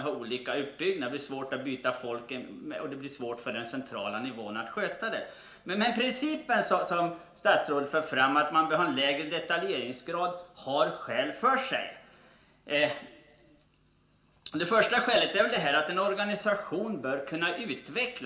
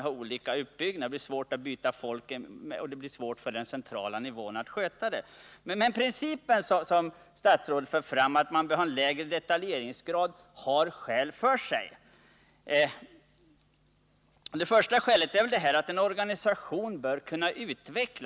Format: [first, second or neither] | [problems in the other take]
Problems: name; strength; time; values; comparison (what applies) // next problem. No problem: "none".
second | room echo; dies away in 1.6 s